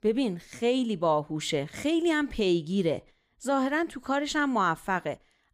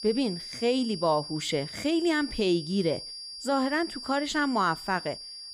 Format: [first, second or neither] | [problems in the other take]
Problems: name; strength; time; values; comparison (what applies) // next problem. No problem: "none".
first | high-pitched whine; loud; throughout; 5 kHz, 10 dB below the speech